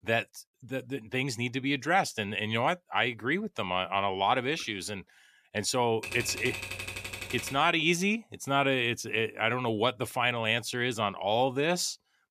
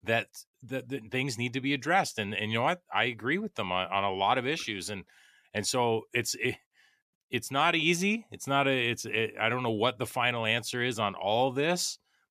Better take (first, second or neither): second